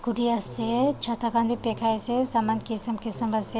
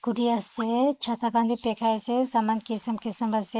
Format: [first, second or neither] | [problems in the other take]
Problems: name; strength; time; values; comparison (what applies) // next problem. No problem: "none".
first | noise reduction (neural mask model Resemble Enhance denoiser)